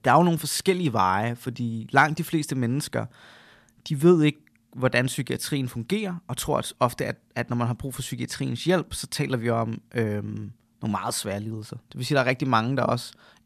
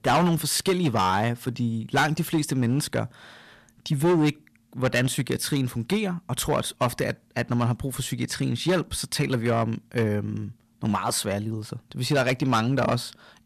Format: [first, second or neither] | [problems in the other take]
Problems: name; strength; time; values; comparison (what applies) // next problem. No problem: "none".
first | distortion; heavy; 6% of the sound clipped